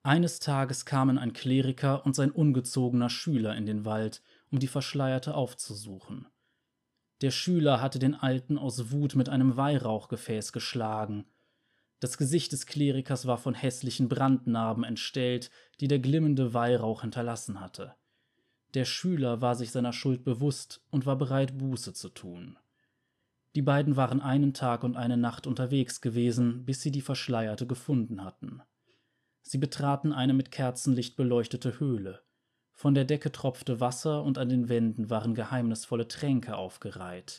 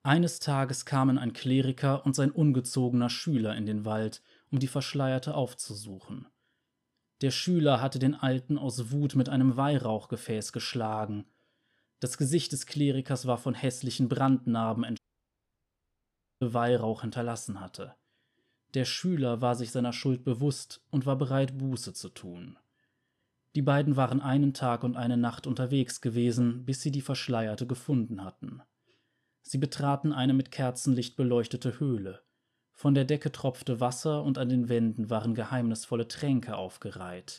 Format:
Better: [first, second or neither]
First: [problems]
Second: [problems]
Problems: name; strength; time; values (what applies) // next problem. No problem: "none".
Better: first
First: none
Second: audio cutting out; at 15 s for 1.5 s